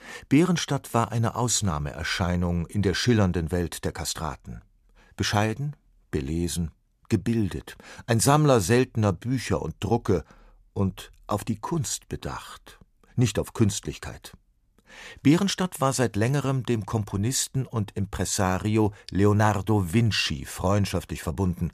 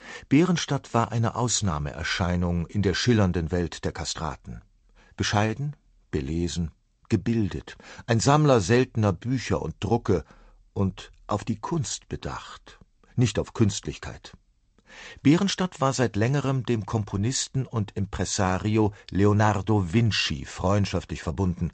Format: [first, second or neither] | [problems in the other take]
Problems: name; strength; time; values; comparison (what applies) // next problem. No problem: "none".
first | garbled, watery; slightly; nothing above 8 kHz